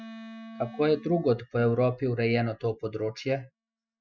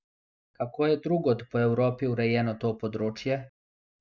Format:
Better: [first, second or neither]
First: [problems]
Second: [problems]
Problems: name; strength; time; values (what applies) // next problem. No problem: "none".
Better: second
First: noise reduction (classical method Wiener filter)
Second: none